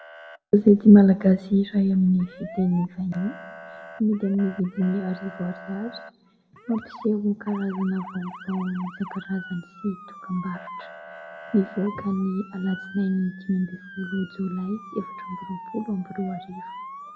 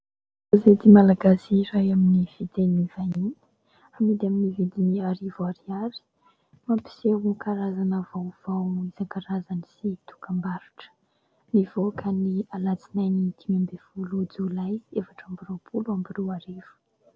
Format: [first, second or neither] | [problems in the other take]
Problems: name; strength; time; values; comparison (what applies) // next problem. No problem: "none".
second | background sound (Motor vehicle (road) / Siren); 17 dB below the speech // room echo; dies away in 1 s